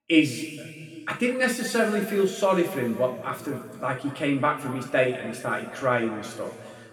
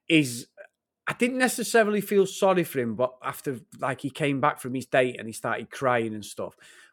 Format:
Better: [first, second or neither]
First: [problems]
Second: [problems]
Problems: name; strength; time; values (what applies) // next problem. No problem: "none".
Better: second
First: room echo; noticeable; dies away in 2 s // off-mic speech; far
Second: none